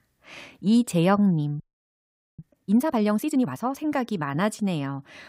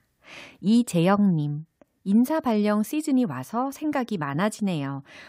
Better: second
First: audio freezing; at 1.5 s for 1 s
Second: none

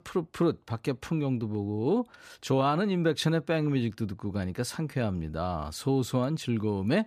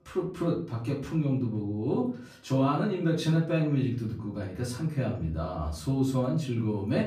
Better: first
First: none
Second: room echo; slight; dies away in 0.5 s // off-mic speech; far

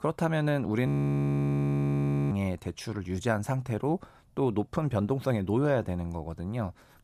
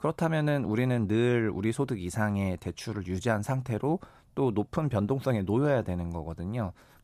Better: second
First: audio freezing; at 1 s for 1.5 s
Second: none

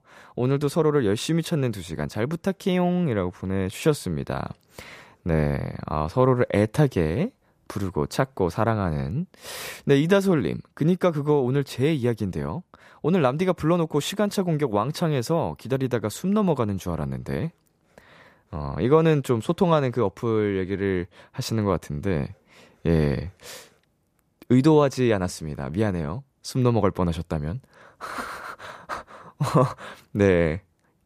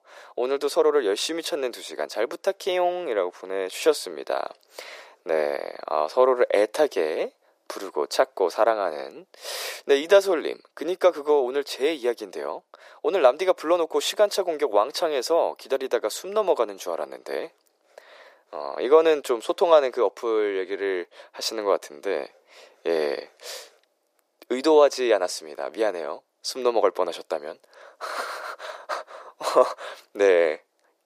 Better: first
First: none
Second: thin; very; fading below 350 Hz

